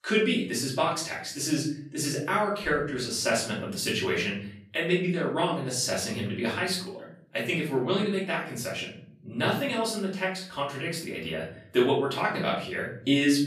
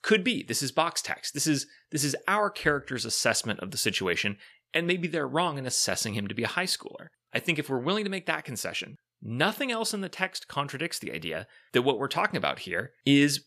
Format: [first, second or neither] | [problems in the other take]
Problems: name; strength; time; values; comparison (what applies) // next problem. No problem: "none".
second | off-mic speech; far // room echo; noticeable; dies away in 0.6 s